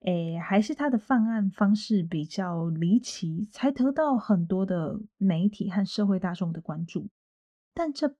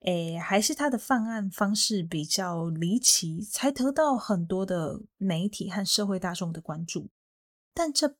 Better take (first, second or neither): second